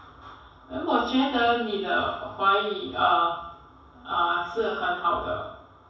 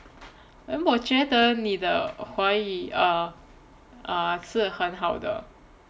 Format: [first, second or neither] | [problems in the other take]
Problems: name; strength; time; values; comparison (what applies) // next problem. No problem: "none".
second | room echo; dies away in 0.7 s